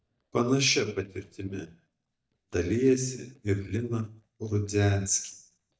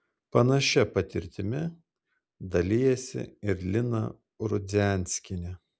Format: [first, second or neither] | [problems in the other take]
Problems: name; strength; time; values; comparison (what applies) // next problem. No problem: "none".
second | noise reduction (neural mask model DeepFilterNet 3)